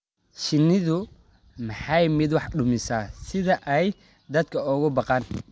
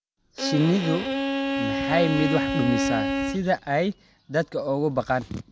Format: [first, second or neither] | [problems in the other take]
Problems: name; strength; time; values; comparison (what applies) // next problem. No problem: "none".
first | background sound (Bowed string instrument); 1 dB below the speech